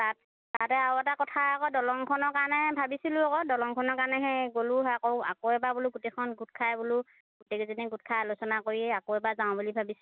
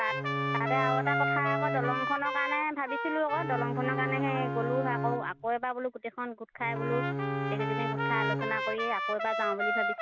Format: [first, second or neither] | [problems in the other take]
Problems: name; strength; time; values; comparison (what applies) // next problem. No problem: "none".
first | background sound (Bowed string instrument + Trumpet); 1 dB above the speech